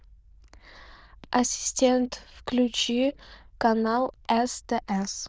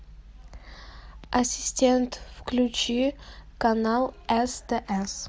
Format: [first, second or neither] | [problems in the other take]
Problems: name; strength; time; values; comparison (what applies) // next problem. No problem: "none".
second | noise reduction (neural diffusion model UNIVERSE++)